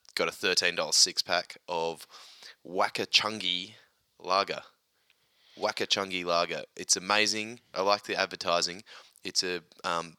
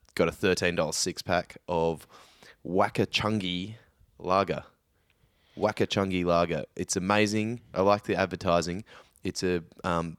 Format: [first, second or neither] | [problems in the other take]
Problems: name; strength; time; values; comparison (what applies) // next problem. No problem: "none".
second | thin; somewhat; fading below 950 Hz